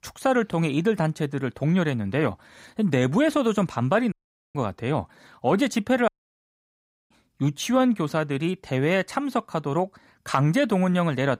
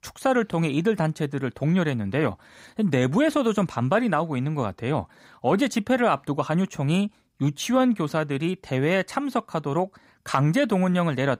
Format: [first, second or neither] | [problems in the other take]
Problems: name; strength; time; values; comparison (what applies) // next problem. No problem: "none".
second | audio cutting out; at 4 s and at 6 s for 1 s